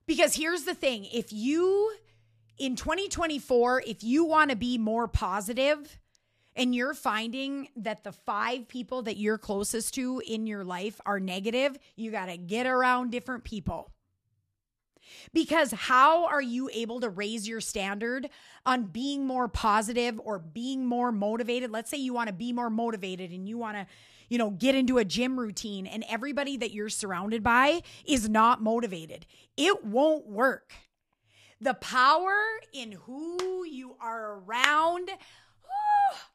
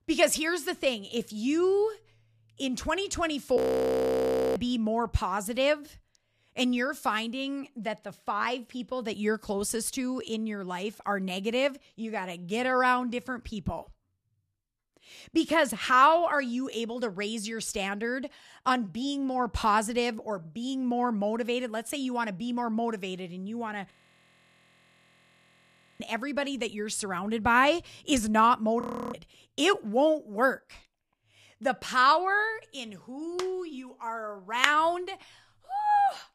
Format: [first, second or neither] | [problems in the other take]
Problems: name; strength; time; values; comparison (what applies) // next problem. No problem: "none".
first | audio freezing; at 3.5 s for 1 s, at 24 s for 2 s and at 29 s